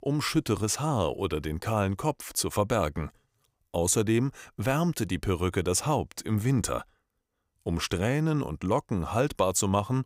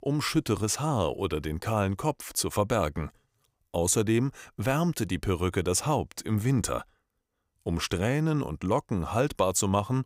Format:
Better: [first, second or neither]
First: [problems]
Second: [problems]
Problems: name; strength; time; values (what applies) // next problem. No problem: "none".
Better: neither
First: none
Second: none